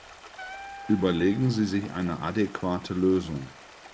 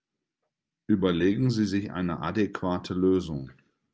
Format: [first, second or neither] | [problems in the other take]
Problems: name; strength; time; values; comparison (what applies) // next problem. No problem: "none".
second | background sound (Stream + Wind instrument, woodwind instrument); 17 dB below the speech